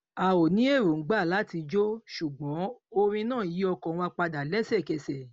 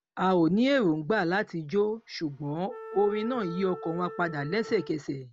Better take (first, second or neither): first